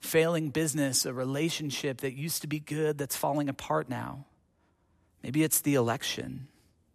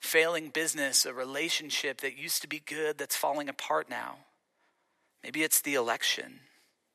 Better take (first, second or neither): first